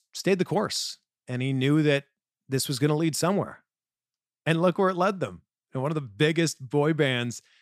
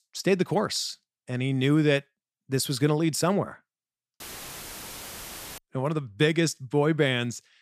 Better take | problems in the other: first | audio cutting out; filled with static; at 4 s for 1.5 s

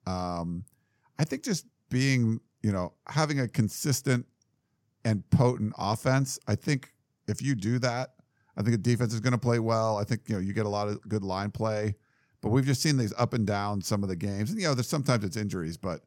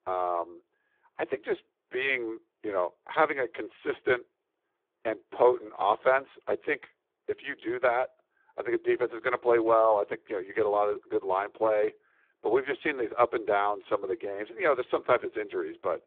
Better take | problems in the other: first | phone-call audio; poor line

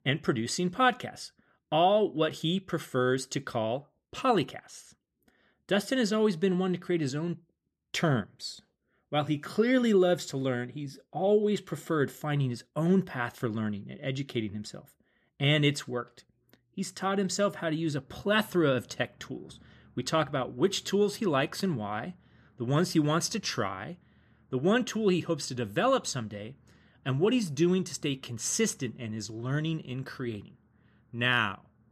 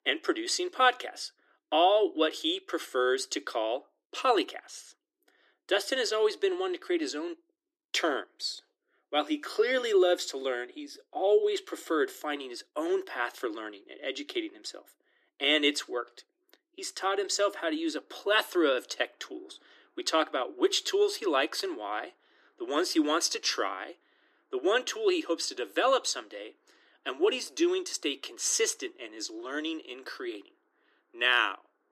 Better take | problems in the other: first | thin; somewhat; fading below 300 Hz

